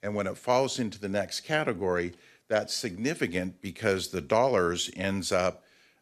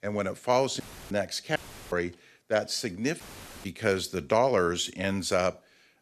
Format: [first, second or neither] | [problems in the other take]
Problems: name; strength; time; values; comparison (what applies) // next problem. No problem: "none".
first | audio cutting out; filled with static; at 1 s, at 1.5 s and at 3 s